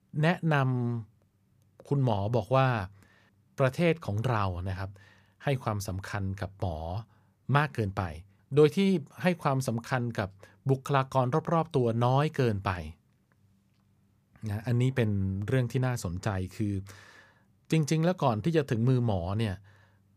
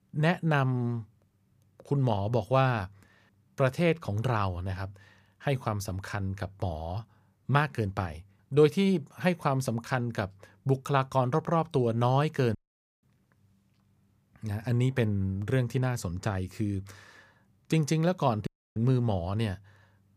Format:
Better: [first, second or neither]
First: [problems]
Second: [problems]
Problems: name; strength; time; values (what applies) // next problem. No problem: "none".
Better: first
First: none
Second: audio cutting out; at 13 s and at 18 s